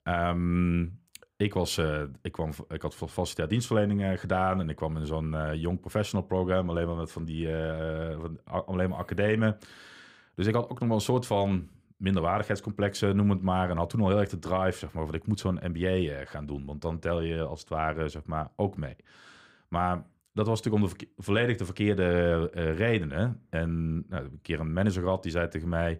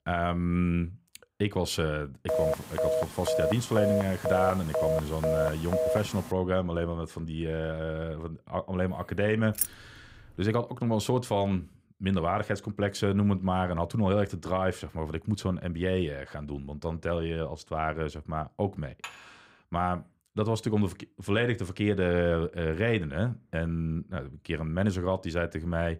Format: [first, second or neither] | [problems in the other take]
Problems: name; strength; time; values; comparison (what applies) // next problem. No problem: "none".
first | phone ringing; loud; from 2.5 to 6.5 s; peak 1 dB above the speech // jangling keys; noticeable; at 9.5 s; peak level with the speech // clattering dishes; faint; at 19 s; peak 15 dB below the speech